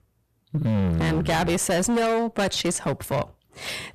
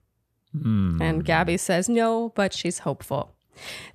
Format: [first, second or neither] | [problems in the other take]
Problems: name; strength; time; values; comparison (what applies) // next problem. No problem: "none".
second | distortion; heavy; 23% of the sound clipped